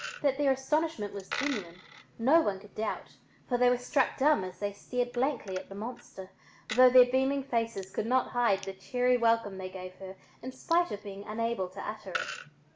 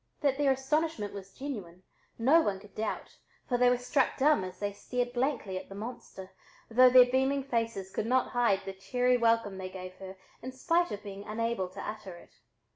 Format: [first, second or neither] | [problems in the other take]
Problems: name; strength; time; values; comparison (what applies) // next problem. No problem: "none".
second | background sound (Coin (dropping)); 16 dB below the speech